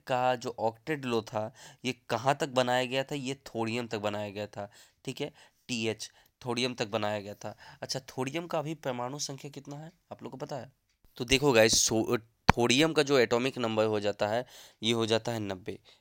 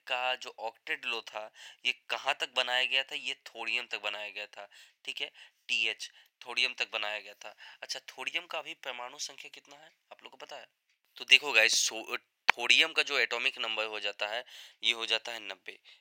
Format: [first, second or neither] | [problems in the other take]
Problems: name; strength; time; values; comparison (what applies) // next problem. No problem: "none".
first | thin; very; fading below 650 Hz